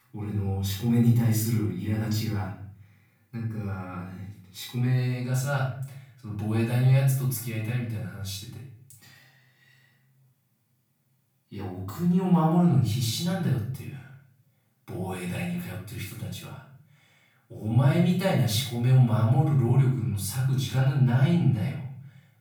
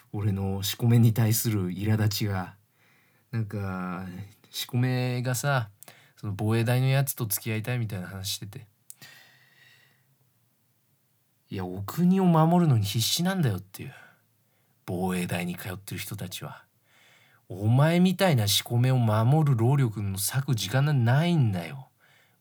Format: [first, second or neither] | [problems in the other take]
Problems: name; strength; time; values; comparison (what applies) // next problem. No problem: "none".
second | off-mic speech; far // room echo; noticeable; dies away in 0.5 s